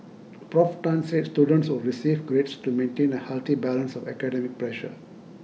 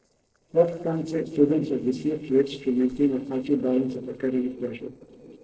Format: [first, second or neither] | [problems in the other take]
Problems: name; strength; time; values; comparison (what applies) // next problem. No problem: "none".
first | noise reduction (neural separator model SepFormer DNS4)